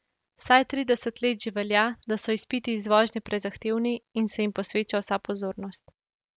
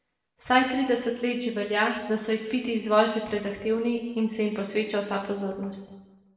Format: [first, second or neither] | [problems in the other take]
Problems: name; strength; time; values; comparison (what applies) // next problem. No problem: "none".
first | room echo; dies away in 1.1 s